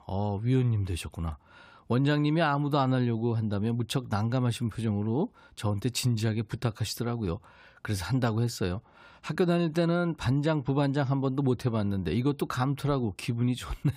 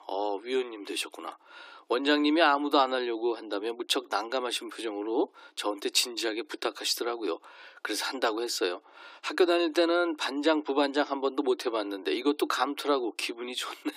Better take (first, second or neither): first